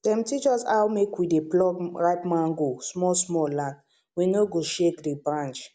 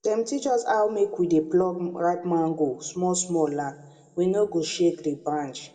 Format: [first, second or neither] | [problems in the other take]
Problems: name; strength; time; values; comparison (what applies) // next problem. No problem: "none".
first | room echo; dies away in 0.8 s